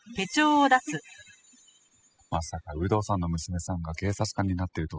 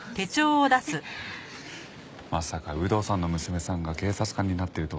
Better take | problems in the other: second | noise reduction (classical method spectral subtraction)

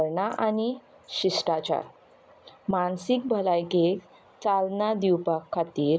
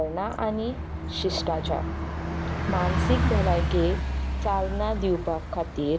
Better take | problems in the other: first | background sound (Bus); 1 dB above the speech

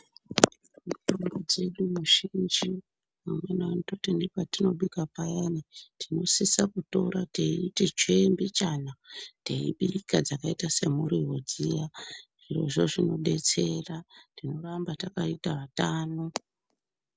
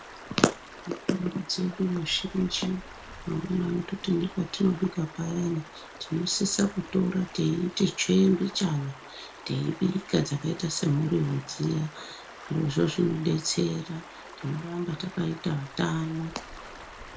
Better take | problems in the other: first | background sound (Stream); 17 dB below the speech // room echo; dies away in 0.2 s

